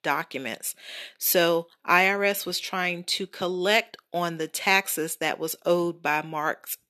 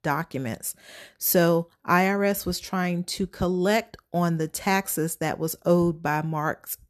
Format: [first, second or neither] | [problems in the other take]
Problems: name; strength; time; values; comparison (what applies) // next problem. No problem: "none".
second | thin; somewhat; fading below 300 Hz